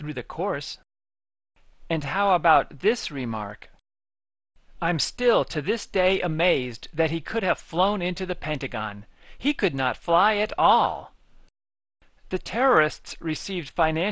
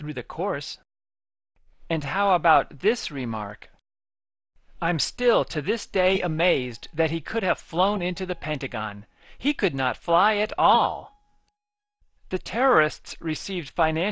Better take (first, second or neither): first